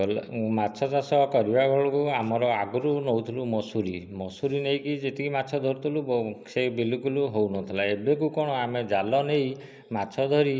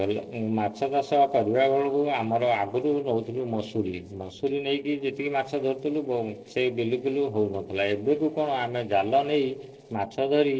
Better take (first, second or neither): first